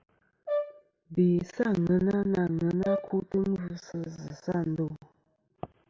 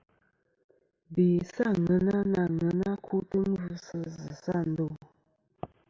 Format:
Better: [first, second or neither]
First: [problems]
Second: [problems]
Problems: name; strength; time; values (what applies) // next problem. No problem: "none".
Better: second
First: background sound (Brass instrument); 7 dB below the speech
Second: none